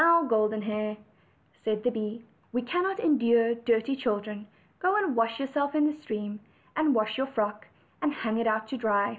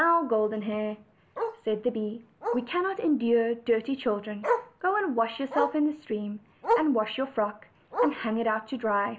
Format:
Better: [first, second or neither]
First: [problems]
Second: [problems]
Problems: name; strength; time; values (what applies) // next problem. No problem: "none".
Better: first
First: none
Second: background sound (Bark); 7 dB below the speech